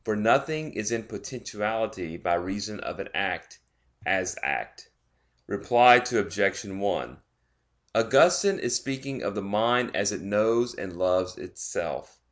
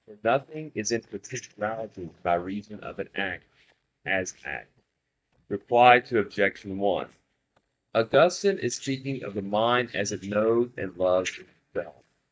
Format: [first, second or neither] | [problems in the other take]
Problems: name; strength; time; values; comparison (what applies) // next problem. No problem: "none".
first | noise reduction (neural mask model DeepFilterNet 3)